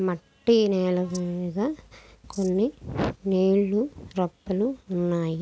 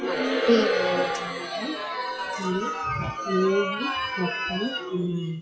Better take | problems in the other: first | noise reduction (classical method WPE with log-MMSE)

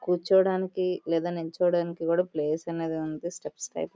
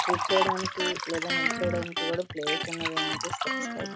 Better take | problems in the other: first | background sound (Liquid + Electric guitar); 3 dB above the speech

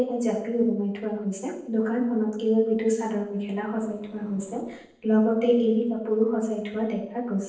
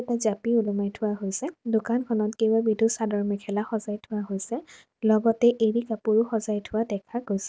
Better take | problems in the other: second | noise reduction (neural separator model SepFormer DNS4)

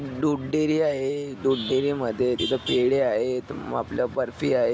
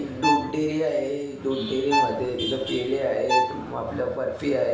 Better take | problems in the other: first | background sound (Bowed string instrument); 3 dB below the speech // room echo; dies away in 0.9 s

